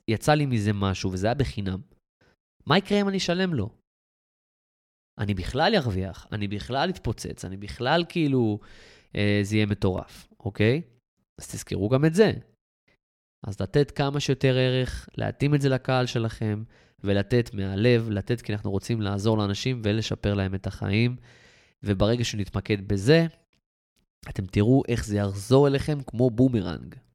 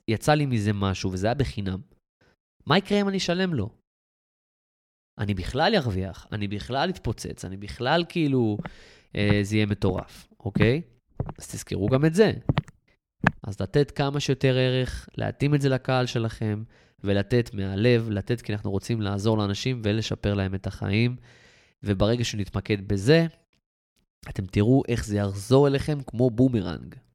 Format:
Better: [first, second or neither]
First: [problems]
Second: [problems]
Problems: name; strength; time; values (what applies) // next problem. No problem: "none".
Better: first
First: none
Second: footsteps; noticeable; from 8.5 to 13 s; peak 1 dB below the speech